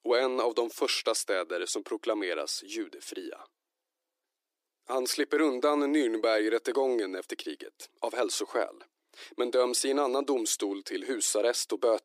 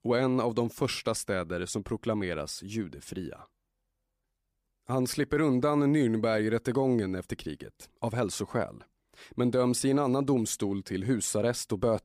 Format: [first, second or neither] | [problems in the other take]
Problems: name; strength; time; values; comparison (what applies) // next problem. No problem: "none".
second | thin; somewhat; fading below 300 Hz